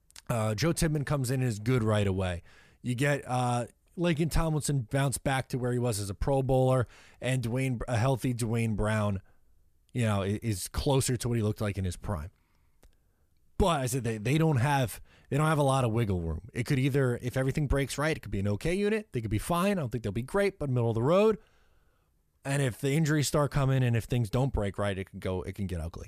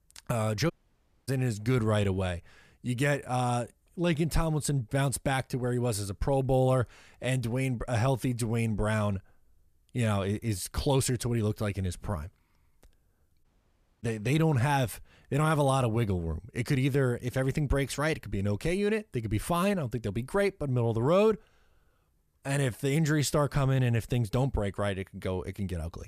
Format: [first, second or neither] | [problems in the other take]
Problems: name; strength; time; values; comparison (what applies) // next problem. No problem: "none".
first | audio cutting out; at 0.5 s for 0.5 s and at 13 s for 0.5 s